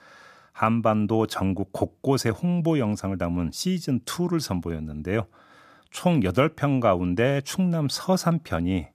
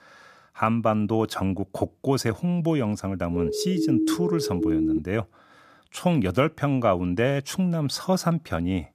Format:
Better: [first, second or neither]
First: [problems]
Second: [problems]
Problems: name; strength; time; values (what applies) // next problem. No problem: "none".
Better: first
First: none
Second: siren; loud; from 3.5 to 5 s; peak 2 dB above the speech